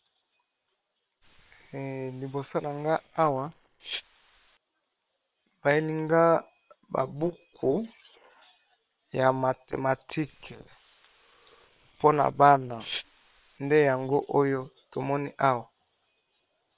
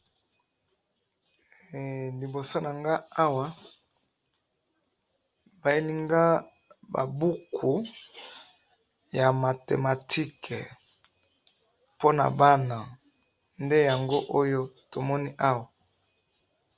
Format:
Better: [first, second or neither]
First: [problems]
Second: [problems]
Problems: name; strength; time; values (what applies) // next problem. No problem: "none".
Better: second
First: noise reduction (neural separator model SepFormer WHAM!)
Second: none